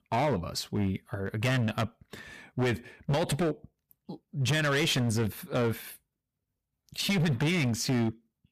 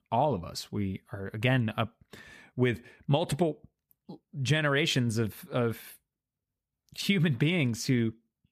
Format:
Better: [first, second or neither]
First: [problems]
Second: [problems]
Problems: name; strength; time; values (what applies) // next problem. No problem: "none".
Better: second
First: distortion; heavy; 14% of the sound clipped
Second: none